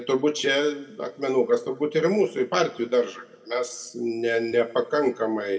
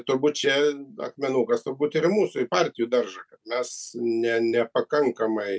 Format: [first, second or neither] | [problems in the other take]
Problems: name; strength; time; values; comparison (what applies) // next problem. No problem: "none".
second | room echo; dies away in 1.9 s